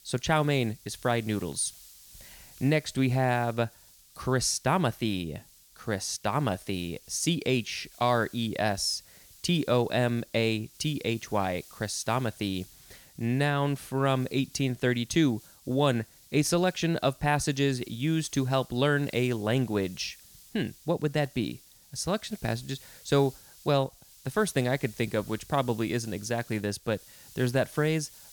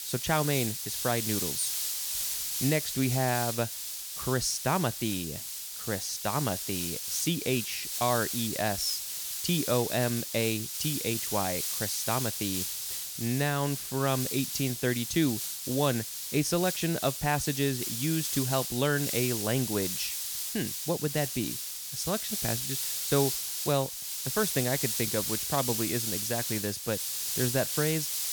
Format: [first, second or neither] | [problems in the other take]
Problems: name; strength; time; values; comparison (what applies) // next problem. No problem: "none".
first | hiss; loud; throughout; 1 dB below the speech; faint in the first